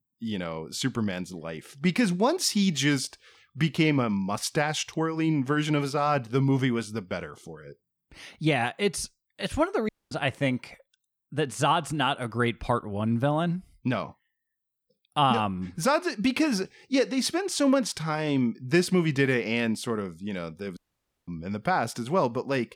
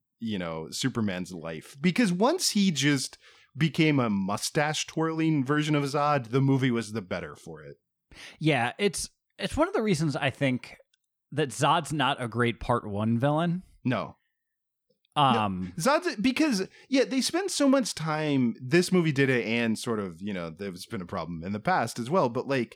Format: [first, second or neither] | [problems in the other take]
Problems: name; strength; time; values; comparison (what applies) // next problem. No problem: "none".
second | audio cutting out; at 10 s and at 21 s for 0.5 s